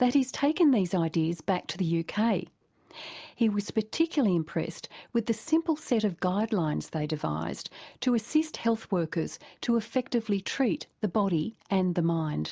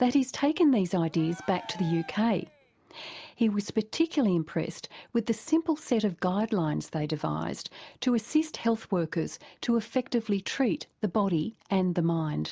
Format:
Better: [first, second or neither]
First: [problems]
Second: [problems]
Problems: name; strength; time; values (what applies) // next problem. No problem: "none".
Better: first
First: none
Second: background sound (Cheering); 19 dB below the speech